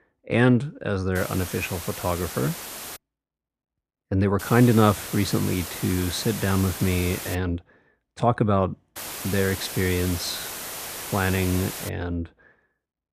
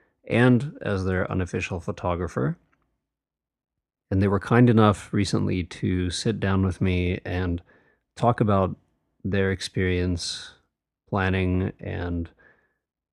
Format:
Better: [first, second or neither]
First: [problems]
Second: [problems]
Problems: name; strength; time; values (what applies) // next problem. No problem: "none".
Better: second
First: hiss; loud; from 1 to 3 s, from 4.5 to 7.5 s and from 9 to 12 s; 9 dB below the speech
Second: none